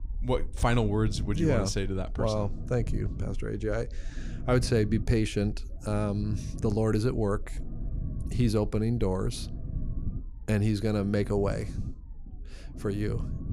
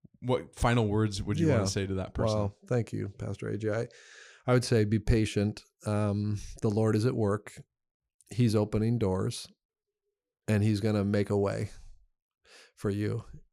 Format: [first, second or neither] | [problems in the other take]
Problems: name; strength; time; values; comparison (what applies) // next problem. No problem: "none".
second | low rumble; noticeable; throughout; 20 dB below the speech